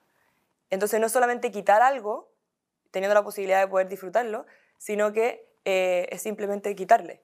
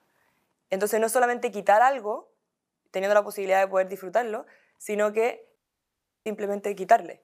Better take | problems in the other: first | audio cutting out; at 5.5 s for 0.5 s

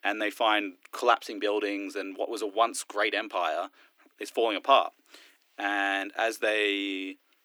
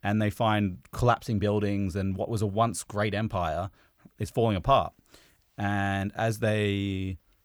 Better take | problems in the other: second | thin; somewhat; fading below 250 Hz

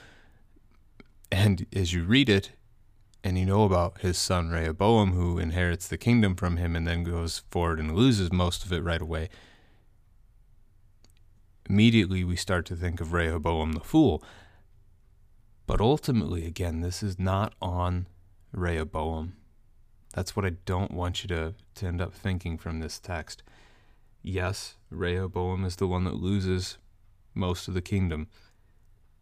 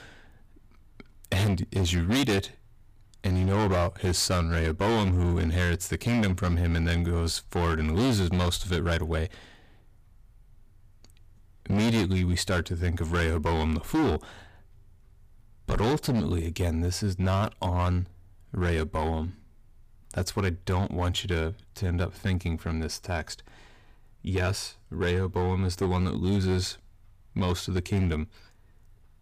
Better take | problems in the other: first | distortion; heavy; 12% of the sound clipped

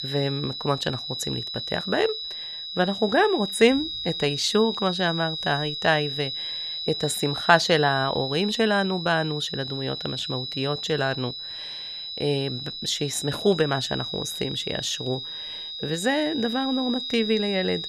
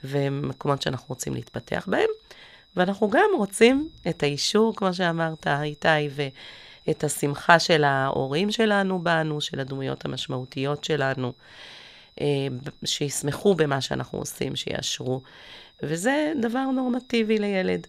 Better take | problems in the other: second | high-pitched whine; loud; throughout; 4 kHz, 5 dB below the speech; faint in the second

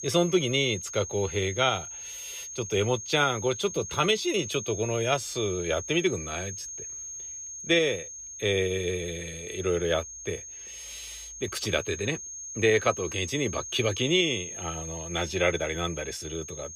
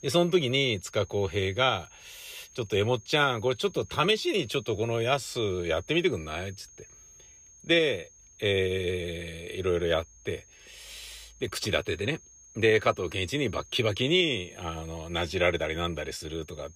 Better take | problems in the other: second | high-pitched whine; loud; throughout; 6.5 kHz, 9 dB below the speech; faint in the second

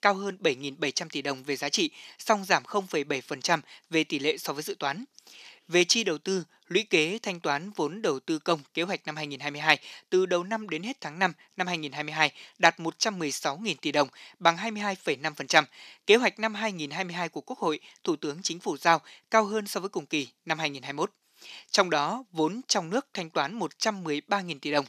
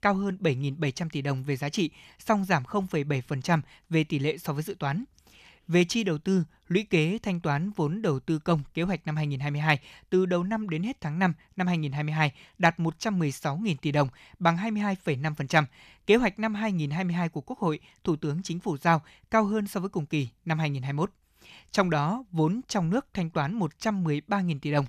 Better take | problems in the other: second | thin; somewhat; fading below 300 Hz

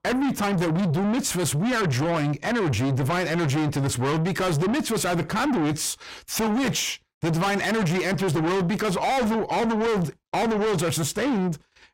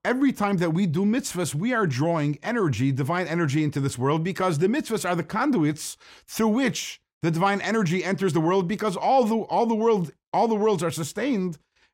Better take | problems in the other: second | distortion; heavy; 6 dB below the speech

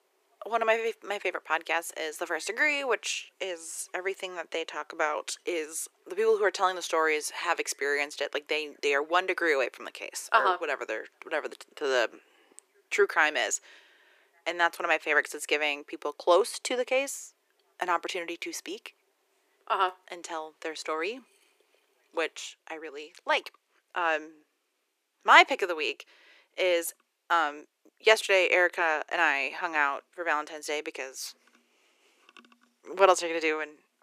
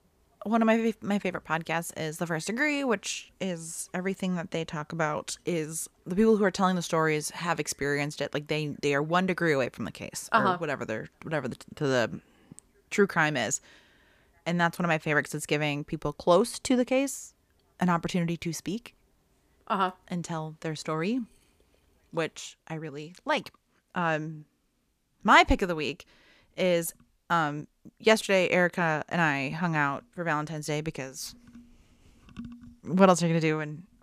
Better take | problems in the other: second | thin; very; fading below 350 Hz

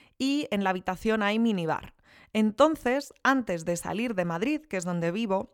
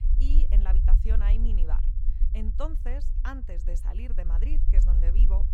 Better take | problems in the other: first | low rumble; loud; throughout; 6 dB below the speech

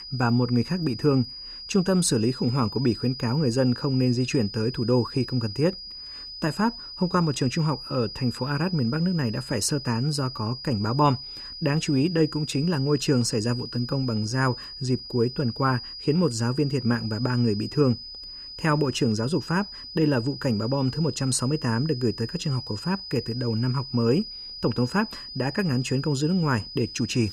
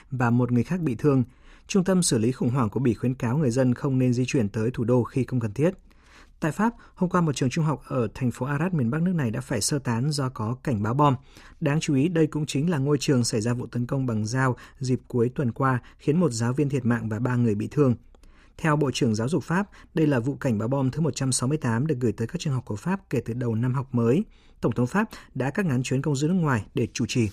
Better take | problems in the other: second | high-pitched whine; noticeable; throughout; 5 kHz, 10 dB below the speech

